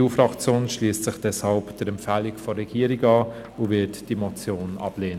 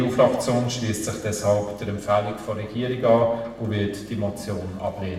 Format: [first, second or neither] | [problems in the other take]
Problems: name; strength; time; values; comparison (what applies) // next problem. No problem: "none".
first | room echo; dies away in 1 s